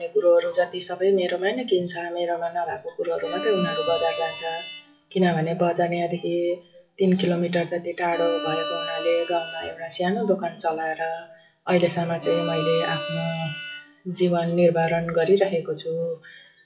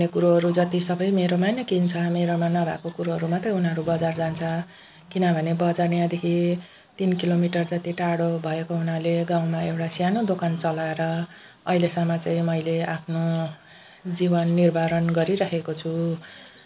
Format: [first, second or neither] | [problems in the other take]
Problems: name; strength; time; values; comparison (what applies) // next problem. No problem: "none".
second | noise reduction (classical method WPE with log-MMSE)